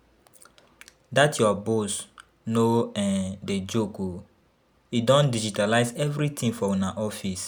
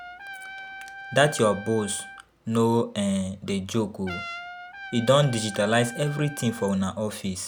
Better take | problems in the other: first | background sound (Trumpet); 15 dB below the speech

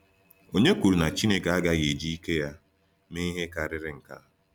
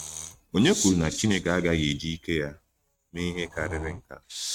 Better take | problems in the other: first | noise reduction (neural mask model RNNoise)

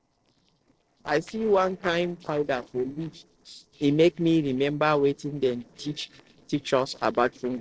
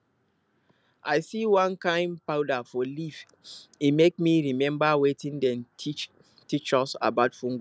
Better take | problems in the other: second | noise reduction (neural separator model SepFormer DNS4)

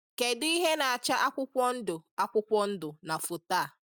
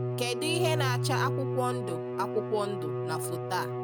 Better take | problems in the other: first | background sound (Bowed string instrument); 1 dB above the speech

